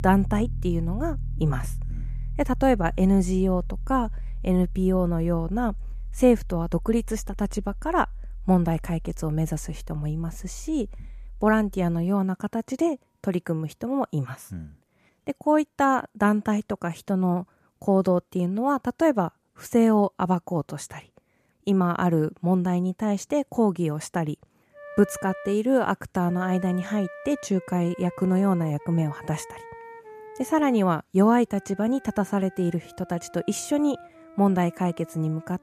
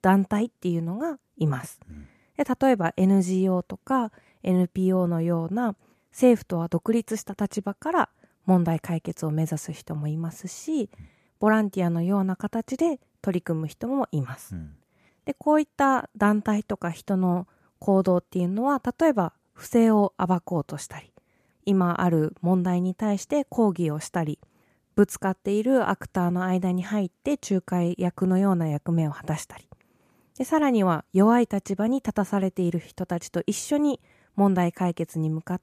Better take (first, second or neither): second